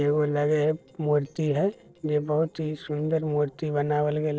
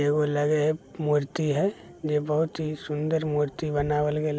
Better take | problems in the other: second | noise reduction (neural separator model SepFormer DNS4)

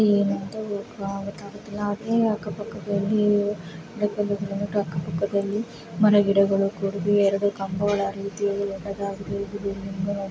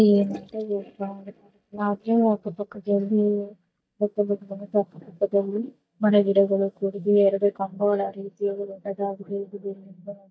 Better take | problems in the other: first | noise reduction (neural mask model DeepFilterNet 3)

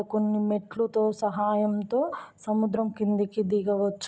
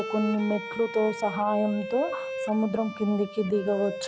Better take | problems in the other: first | background sound (Bowed string instrument); 9 dB below the speech

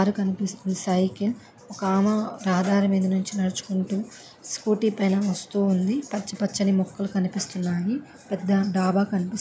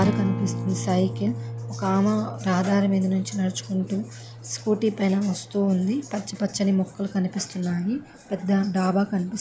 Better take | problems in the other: first | background sound (Acoustic guitar); 10 dB below the speech

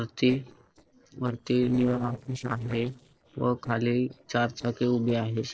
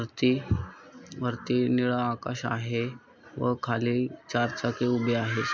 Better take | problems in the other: second | noise reduction (neural separator model SepFormer DNS4)

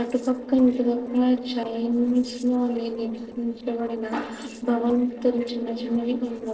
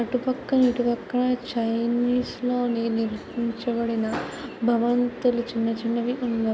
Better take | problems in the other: second | noise reduction (neural separator model SepFormer DNS4)

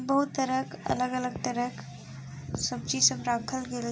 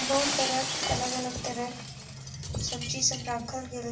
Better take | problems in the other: first | background sound (Shatter); 3 dB below the speech // room echo; dies away in 0.3 s

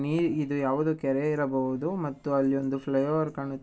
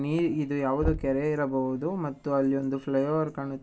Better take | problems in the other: first | background sound (Knock); 11 dB below the speech

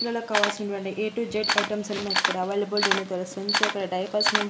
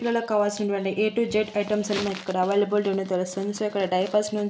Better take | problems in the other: second | background sound (Camera); as loud as the speech

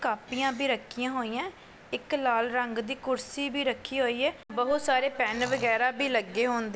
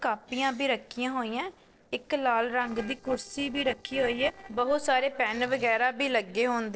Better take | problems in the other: first | noise reduction (neural separator model SepFormer DNS4)

